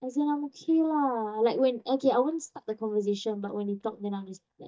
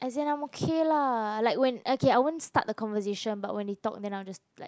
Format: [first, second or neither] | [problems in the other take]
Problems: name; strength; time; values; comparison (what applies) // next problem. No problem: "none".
second | noise reduction (neural mask model DeepFilterNet 3)